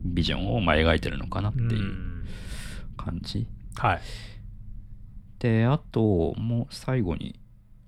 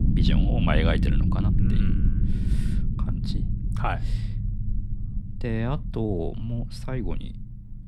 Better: first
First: low rumble; faint; throughout; 25 dB below the speech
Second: low rumble; loud; throughout; 5 dB below the speech

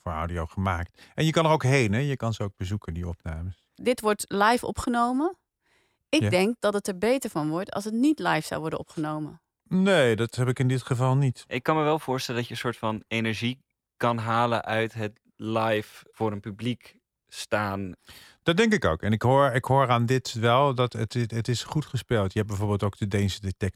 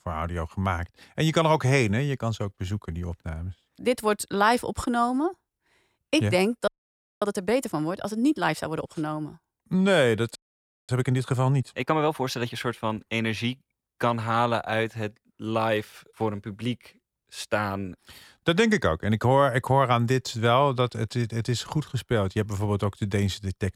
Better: first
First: none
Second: audio freezing; at 6.5 s for 0.5 s and at 10 s for 0.5 s

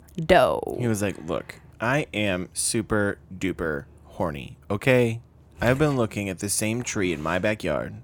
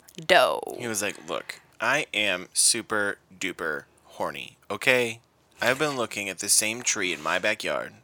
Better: first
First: none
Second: thin; somewhat; fading below 1 kHz

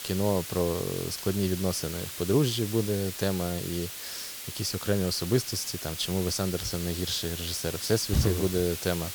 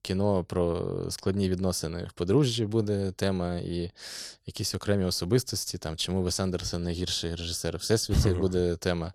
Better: second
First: hiss; loud; throughout; 7 dB below the speech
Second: none

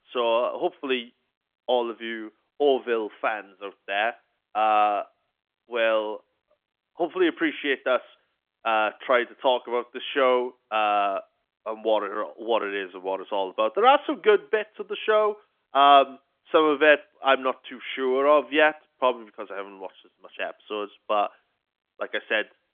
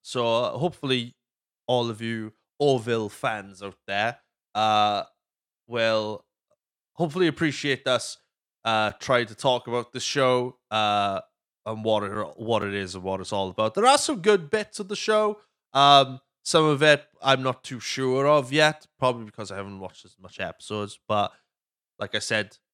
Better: second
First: phone-call audio; nothing above 3.5 kHz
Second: none

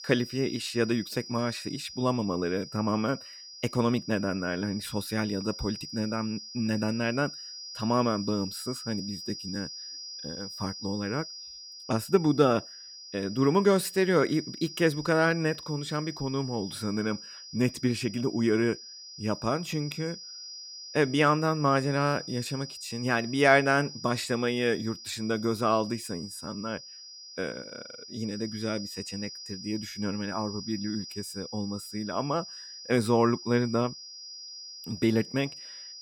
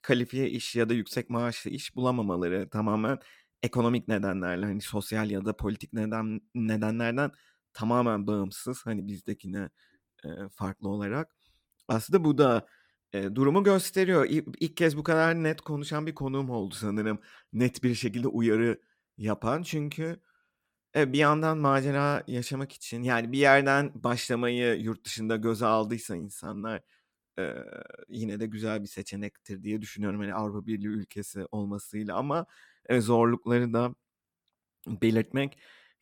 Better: second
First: high-pitched whine; noticeable; throughout; 5 kHz, 10 dB below the speech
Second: none

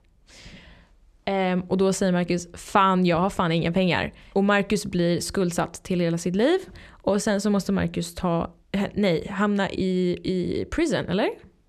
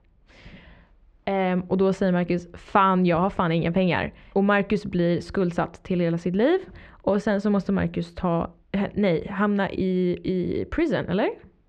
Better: first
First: none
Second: muffled; slightly; fading above 2.5 kHz

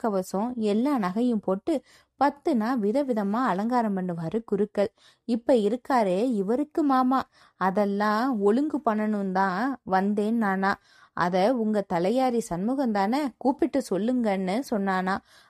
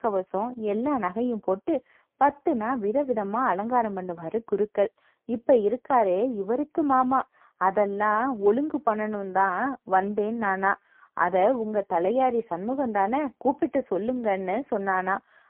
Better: first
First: none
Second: phone-call audio; poor line

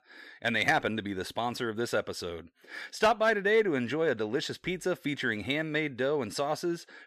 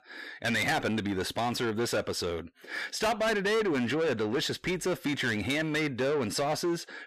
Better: first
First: none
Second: distortion; heavy; 7 dB below the speech

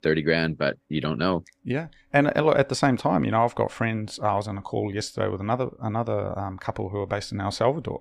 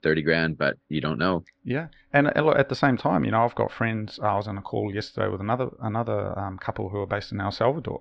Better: first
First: none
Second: muffled; very slightly; fading above 4 kHz

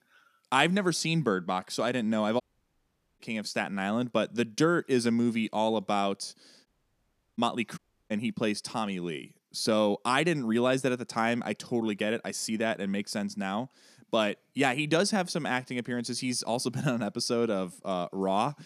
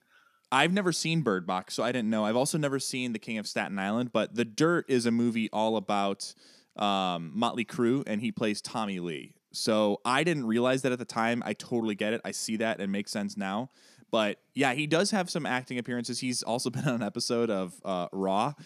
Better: second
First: audio cutting out; at 2.5 s for 1 s, at 6.5 s for 0.5 s and at 8 s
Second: none

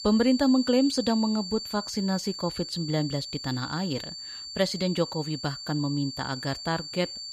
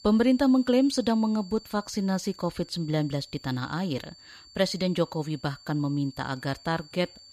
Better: second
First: high-pitched whine; loud; throughout; 4.5 kHz, 8 dB below the speech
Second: high-pitched whine; faint; throughout; 4.5 kHz, 20 dB below the speech

